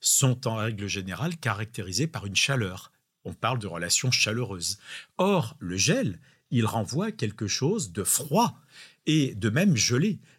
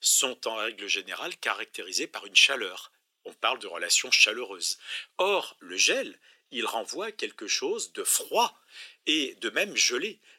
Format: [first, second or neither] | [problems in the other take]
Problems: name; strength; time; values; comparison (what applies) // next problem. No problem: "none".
first | thin; very; fading below 350 Hz